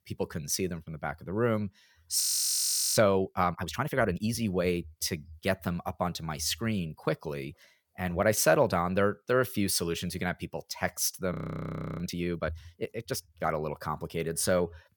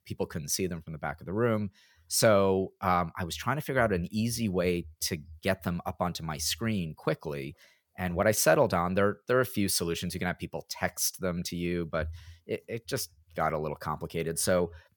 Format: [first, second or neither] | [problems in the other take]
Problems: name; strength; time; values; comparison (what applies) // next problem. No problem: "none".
second | audio freezing; at 2 s for 1 s and at 11 s for 0.5 s